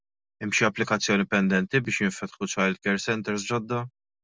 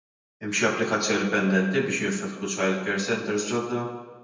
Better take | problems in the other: first | room echo; dies away in 0.9 s

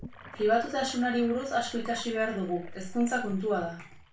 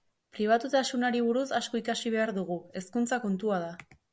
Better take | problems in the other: second | background sound (Sink (filling or washing) / Gurgling); 20 dB below the speech // room echo; dies away in 0.3 s

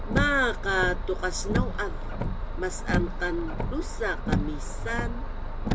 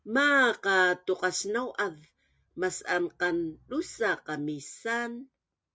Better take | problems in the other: second | background sound (Car); 2 dB above the speech

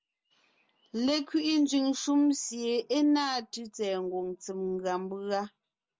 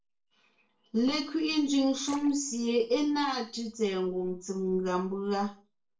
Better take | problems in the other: first | noise reduction (neural separator model SepFormer DNS4)

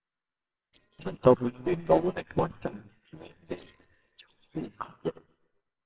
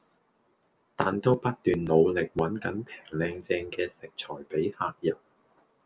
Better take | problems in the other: second | noise reduction (neural separator model SepFormer WHAMR!)

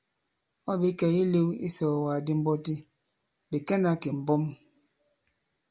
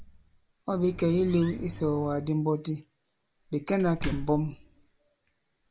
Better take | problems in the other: first | background sound (Microwave oven + Slam); 12 dB below the speech

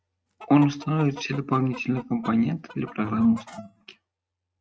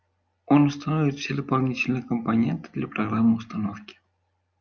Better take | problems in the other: second | noise reduction (neural mask model RNNoise)

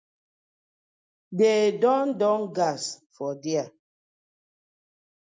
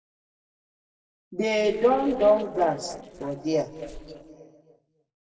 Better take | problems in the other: first | noise reduction (neural separator model SepFormer DNS4)

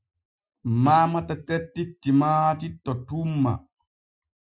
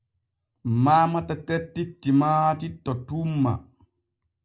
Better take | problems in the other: second | noise reduction (classical method Wiener filter)

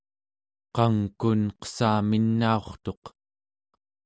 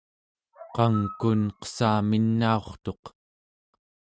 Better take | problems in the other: first | noise reduction (neural mask model RNNoise)

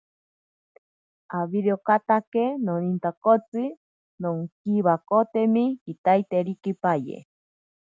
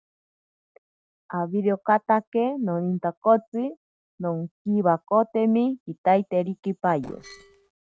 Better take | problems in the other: first | noise reduction (neural separator model SepFormer DNS4)

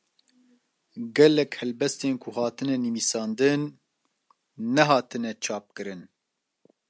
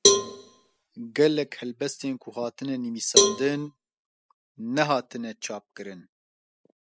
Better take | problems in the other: first | noise reduction (classical method spectral subtraction)

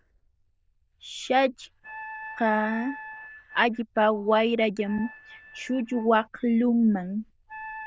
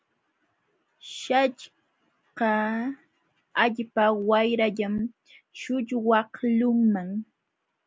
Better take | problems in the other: second | noise reduction (neural diffusion model UNIVERSE++)

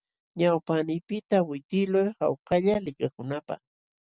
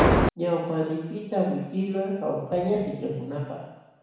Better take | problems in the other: first | background sound (Fireworks); 1 dB below the speech // room echo; dies away in 1.1 s

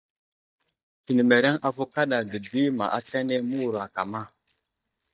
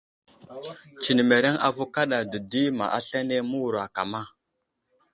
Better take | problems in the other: second | noise reduction (neural mask model DeepFilterNet 3)

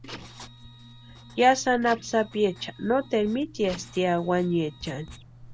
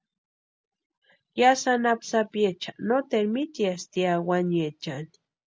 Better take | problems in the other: second | background sound (Writing + Printer); 18 dB below the speech

